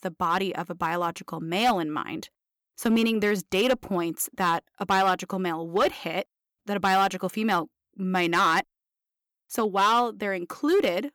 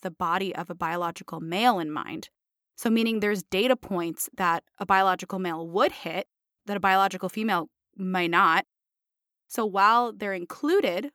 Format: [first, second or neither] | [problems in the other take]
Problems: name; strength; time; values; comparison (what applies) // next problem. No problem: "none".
second | distortion; slight; 4% of the sound clipped